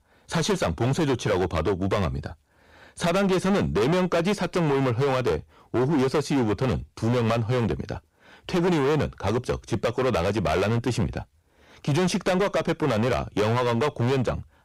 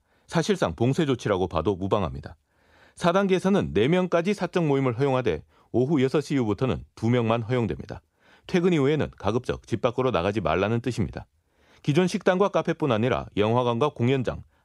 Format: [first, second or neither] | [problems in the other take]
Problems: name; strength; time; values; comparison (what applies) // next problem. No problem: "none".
second | distortion; heavy; 19% of the sound clipped